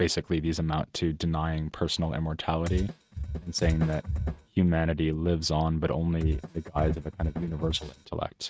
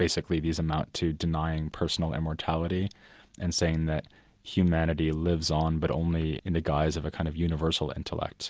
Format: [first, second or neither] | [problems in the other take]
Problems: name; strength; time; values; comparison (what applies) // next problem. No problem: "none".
second | noise reduction (neural mask model RNNoise)